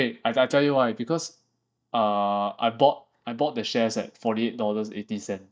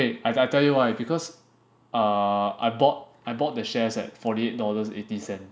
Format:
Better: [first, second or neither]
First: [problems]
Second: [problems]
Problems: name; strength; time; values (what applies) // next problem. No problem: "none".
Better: second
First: noise reduction (neural mask model DeepFilterNet 3)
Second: none